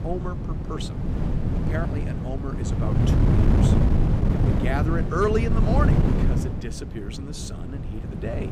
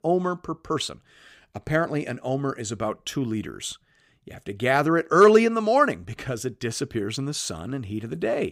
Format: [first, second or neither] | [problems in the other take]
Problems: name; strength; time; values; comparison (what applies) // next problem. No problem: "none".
second | wind noise on the microphone; heavy; 1 dB below the speech